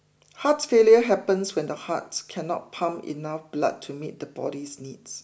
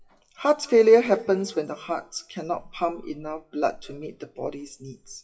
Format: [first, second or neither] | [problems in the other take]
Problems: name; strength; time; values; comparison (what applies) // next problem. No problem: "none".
first | noise reduction (classical method WPE with log-MMSE)